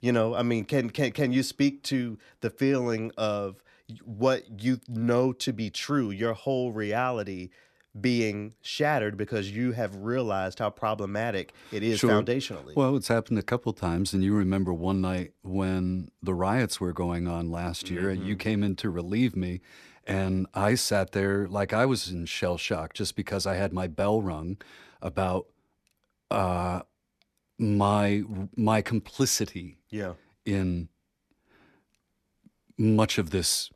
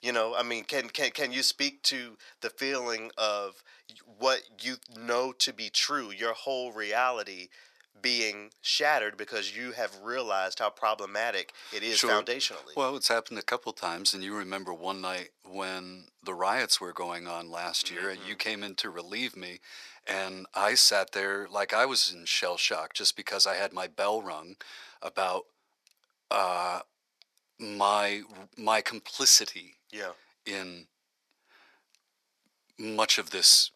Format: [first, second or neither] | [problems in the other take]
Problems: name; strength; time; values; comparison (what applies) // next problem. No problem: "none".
first | thin; very; fading below 750 Hz